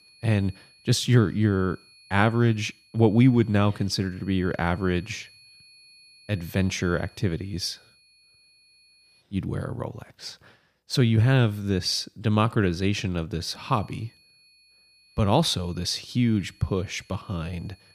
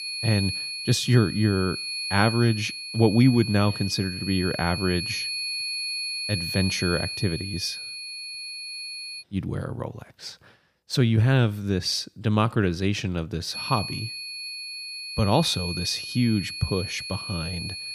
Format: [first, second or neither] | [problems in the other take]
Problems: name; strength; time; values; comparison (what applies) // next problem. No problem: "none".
first | high-pitched whine; loud; until 9 s and from 14 s on; 4.5 kHz, 6 dB below the speech; faint in the first